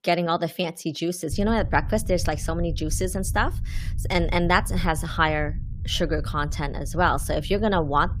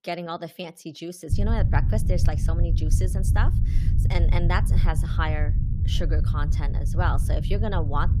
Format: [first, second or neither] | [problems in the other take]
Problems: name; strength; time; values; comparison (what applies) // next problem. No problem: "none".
first | low rumble; loud; from 1.5 s on; 8 dB below the speech; faint in the first